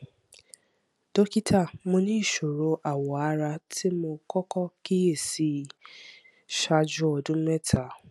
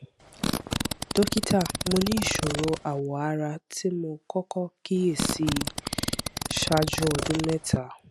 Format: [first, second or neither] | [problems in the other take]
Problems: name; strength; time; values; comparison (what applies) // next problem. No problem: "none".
first | background sound (Fart); 3 dB below the speech